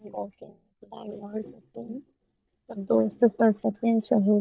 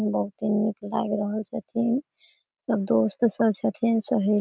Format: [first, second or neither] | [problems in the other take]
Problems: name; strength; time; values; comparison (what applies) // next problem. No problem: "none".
second | noise reduction (neural mask model DeepFilterNet 3)